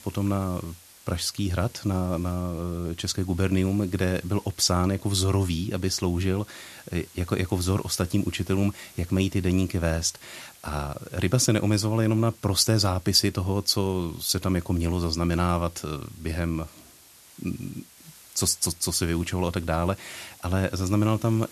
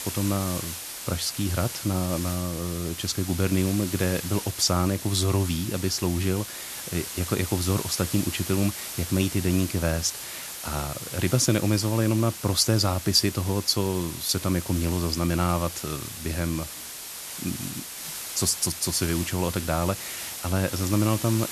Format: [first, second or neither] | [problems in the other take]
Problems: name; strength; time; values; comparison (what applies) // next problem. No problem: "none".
first | hiss; loud; throughout; 8 dB below the speech; faint in the first